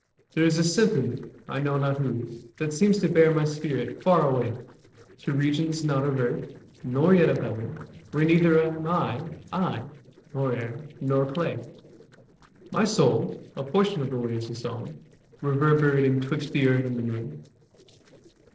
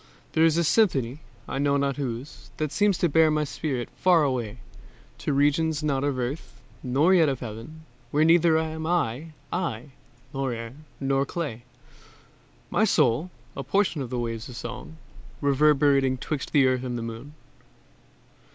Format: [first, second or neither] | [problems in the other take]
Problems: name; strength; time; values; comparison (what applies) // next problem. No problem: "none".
second | noise reduction (neural separator model SepFormer DNS4)